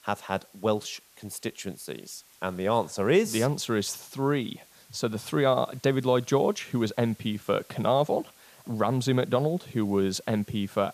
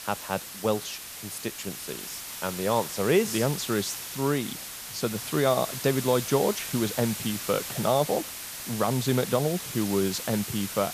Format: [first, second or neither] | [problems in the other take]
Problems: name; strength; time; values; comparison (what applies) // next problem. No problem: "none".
first | hiss; loud; throughout; 7 dB below the speech; faint in the first